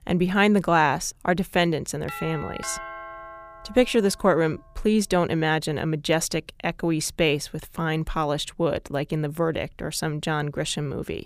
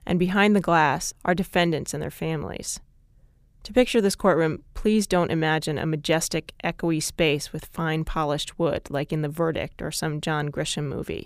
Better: second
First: doorbell; faint; from 2 to 4 s; peak 10 dB below the speech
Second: none

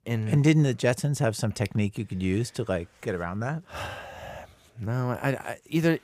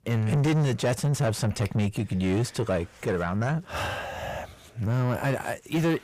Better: first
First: none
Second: distortion; heavy; 7 dB below the speech

